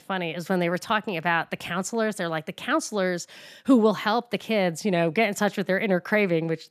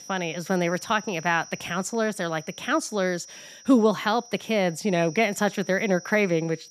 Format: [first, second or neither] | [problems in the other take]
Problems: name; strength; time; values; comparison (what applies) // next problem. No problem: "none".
first | high-pitched whine; noticeable; throughout; 6 kHz, 20 dB below the speech